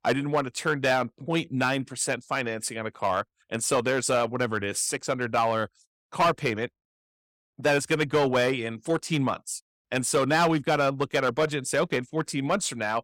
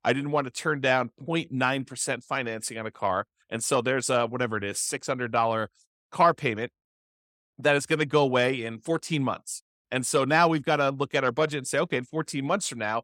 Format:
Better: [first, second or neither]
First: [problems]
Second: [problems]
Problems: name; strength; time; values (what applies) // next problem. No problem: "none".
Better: second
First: distortion; slight; 4% of the sound clipped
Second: none